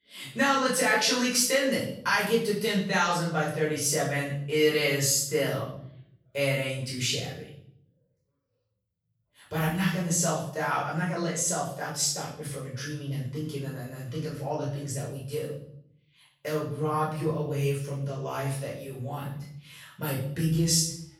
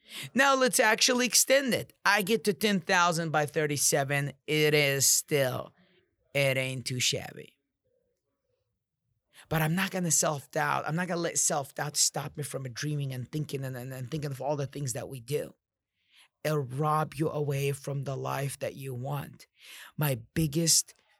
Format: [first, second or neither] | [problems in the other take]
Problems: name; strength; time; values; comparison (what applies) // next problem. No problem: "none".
second | off-mic speech; far // room echo; noticeable; dies away in 0.6 s